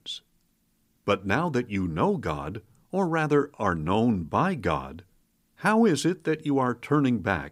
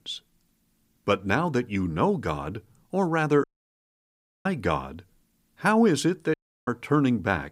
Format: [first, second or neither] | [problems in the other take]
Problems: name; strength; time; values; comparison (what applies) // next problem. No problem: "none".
first | audio cutting out; at 3.5 s for 1 s and at 6.5 s